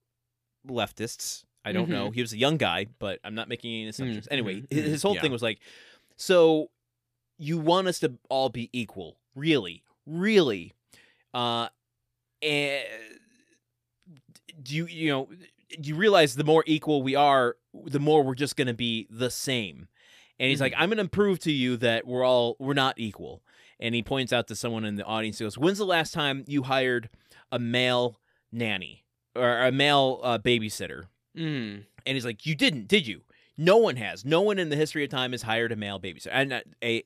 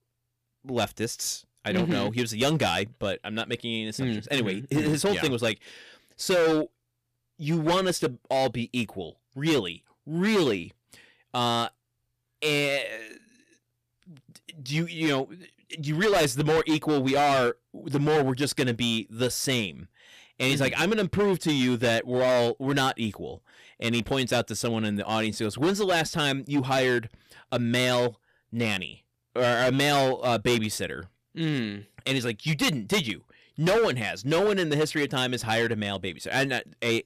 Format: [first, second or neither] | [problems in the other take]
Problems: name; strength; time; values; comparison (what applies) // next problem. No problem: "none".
first | distortion; heavy; 9% of the sound clipped